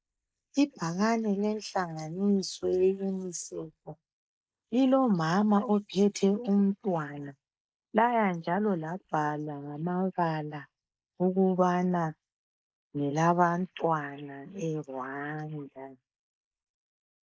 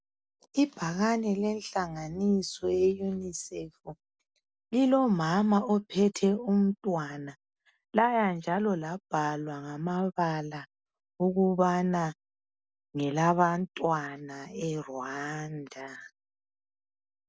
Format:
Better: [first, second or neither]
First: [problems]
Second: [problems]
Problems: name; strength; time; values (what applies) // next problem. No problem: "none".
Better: second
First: noise reduction (neural mask model Resemble Enhance denoiser)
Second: none